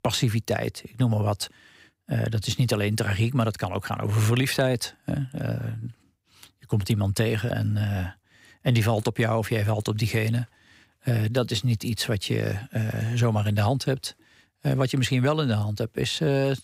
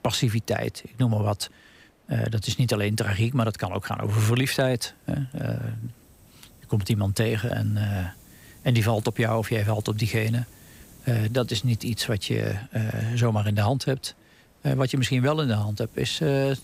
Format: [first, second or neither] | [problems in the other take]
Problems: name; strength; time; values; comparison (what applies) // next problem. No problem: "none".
first | hiss; faint; throughout; 25 dB below the speech